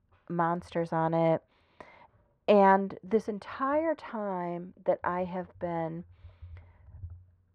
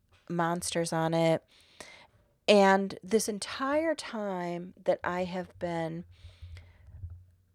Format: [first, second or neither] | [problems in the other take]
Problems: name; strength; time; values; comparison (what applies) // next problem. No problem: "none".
second | muffled; very; fading above 4 kHz